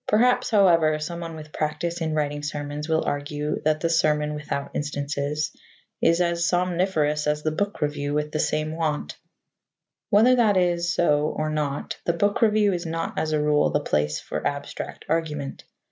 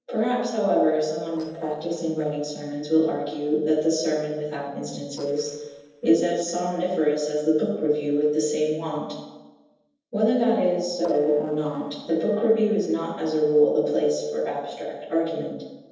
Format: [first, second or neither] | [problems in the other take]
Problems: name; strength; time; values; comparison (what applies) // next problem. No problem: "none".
first | noise reduction (neural separator model SepFormer DNS4)